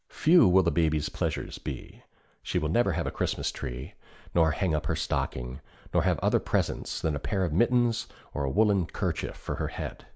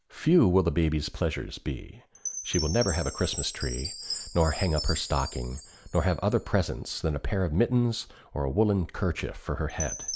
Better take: first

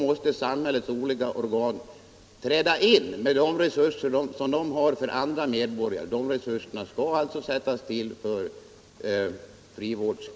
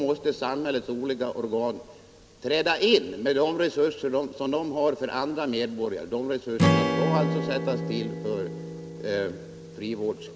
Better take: first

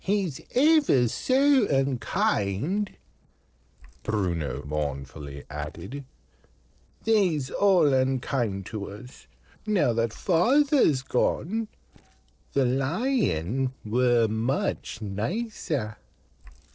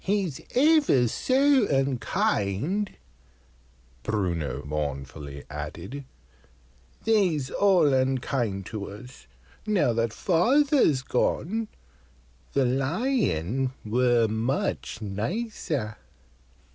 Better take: second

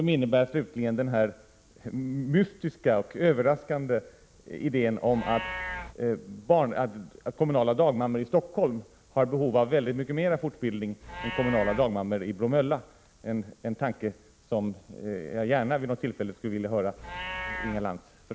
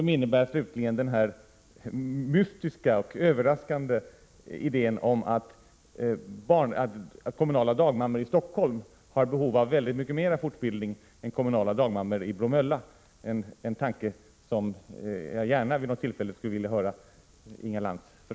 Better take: second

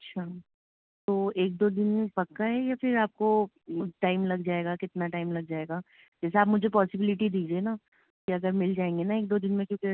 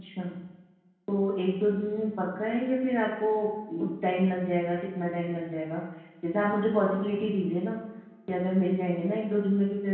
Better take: first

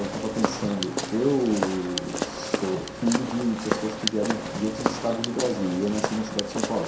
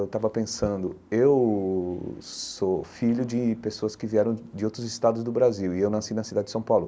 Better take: second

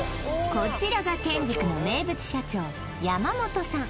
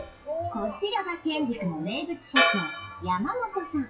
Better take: first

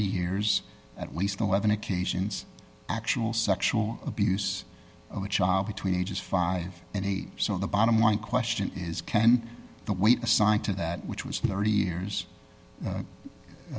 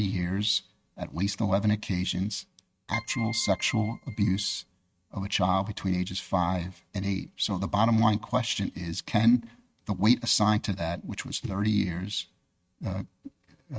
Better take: first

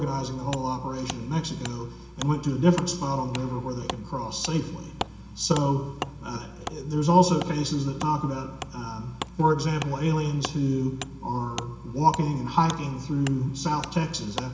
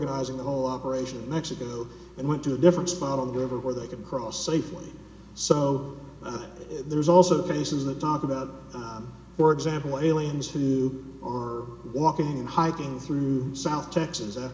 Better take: second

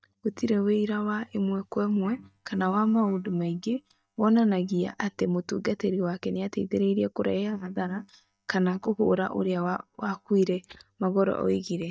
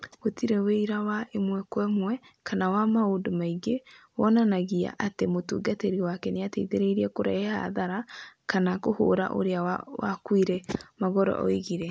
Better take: second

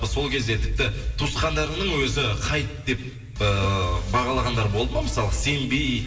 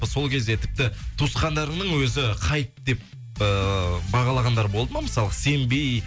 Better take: second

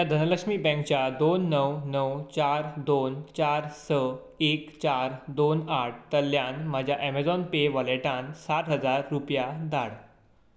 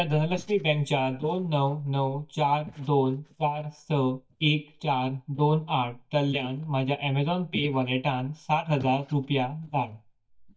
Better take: first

